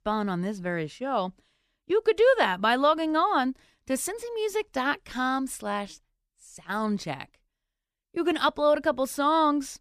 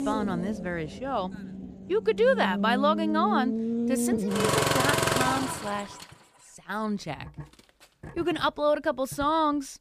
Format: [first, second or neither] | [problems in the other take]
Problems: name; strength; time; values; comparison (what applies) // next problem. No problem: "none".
first | traffic noise; loud; throughout; as loud as the speech